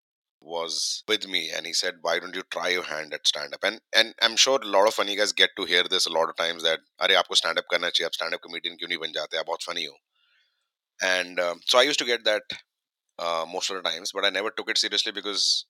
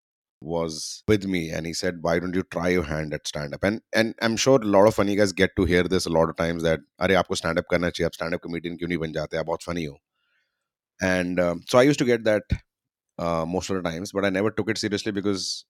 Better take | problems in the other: second | thin; very; fading below 650 Hz

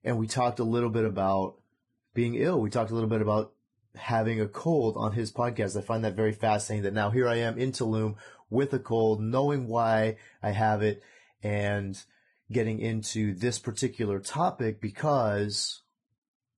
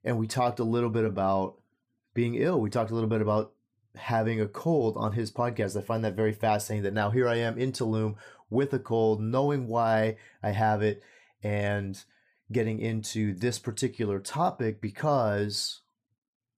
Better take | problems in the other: second | garbled, watery; badly; nothing above 10 kHz

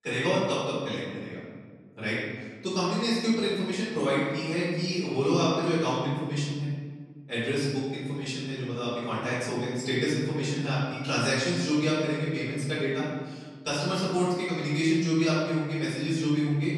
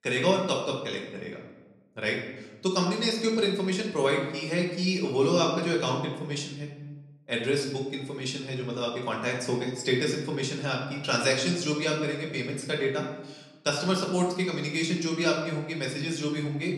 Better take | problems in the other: second | room echo; strong; dies away in 1.7 s; slight in the second // off-mic speech; far; somewhat distant in the second

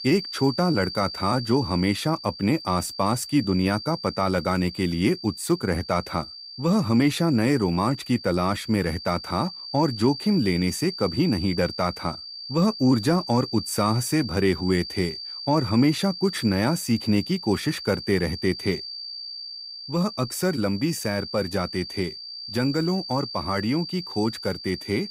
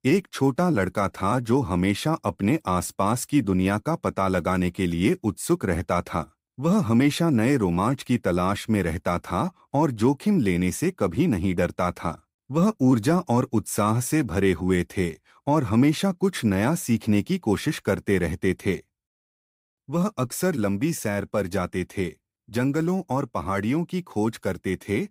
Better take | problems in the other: second | high-pitched whine; loud; throughout; 4.5 kHz, 10 dB below the speech

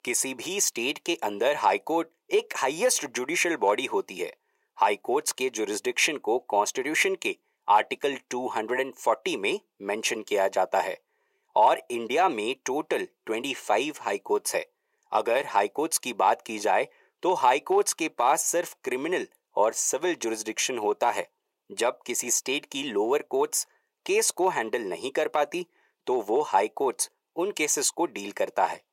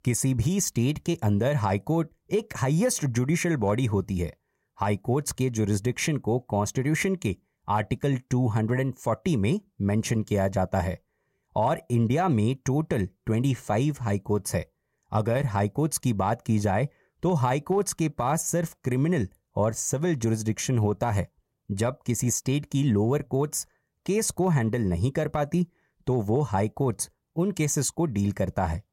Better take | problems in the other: second | thin; very; fading below 350 Hz

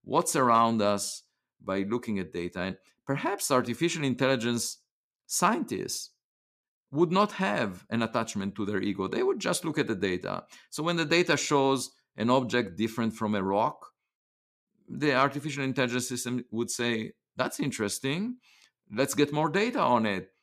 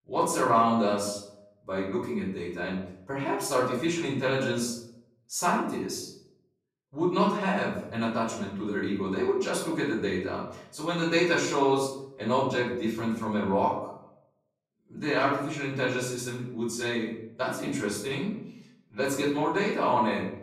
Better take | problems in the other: first | off-mic speech; far // room echo; noticeable; dies away in 0.7 s

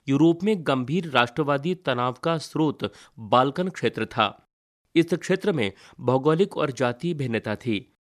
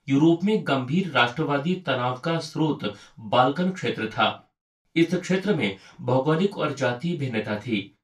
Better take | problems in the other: first | room echo; slight; dies away in 0.2 s // off-mic speech; far

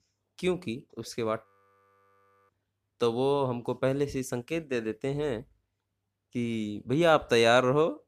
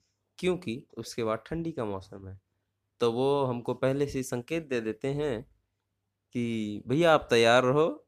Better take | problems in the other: second | audio freezing; at 1.5 s for 1 s

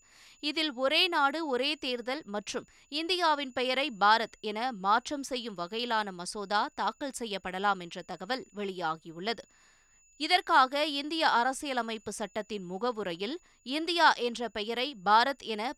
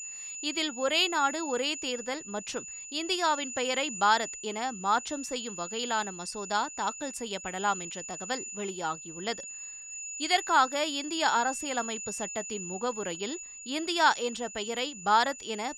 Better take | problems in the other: first | high-pitched whine; loud; throughout; 7 kHz, 8 dB below the speech; faint in the first

